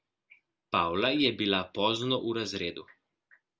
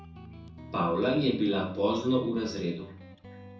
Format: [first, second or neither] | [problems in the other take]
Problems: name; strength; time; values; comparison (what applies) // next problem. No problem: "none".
first | background sound (Guitar); 17 dB below the speech // room echo; dies away in 0.6 s